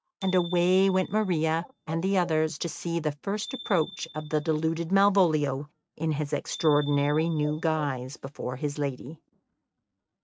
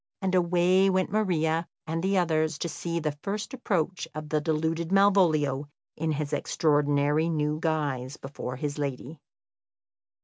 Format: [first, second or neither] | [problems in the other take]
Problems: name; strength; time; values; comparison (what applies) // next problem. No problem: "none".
second | noise reduction (neural mask model RNNoise)